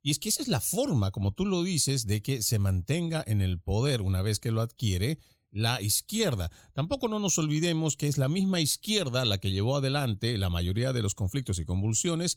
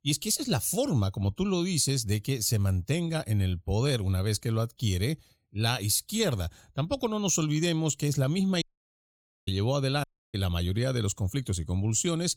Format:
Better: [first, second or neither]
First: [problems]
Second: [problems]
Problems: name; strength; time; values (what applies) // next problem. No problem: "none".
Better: first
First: none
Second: audio cutting out; at 8.5 s for 1 s and at 10 s